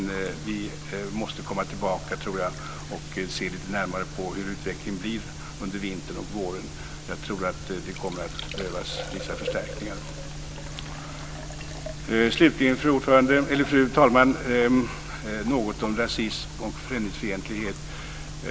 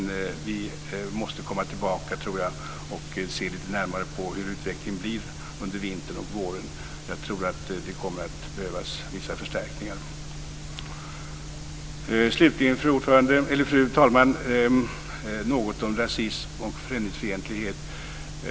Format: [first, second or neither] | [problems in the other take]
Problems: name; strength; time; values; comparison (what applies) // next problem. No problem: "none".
second | background sound (Liquid); 19 dB below the speech